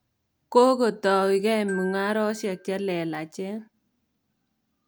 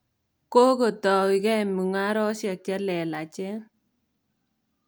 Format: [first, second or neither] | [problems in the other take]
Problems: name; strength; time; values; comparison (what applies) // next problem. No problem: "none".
second | background sound (Glockenspiel); 20 dB below the speech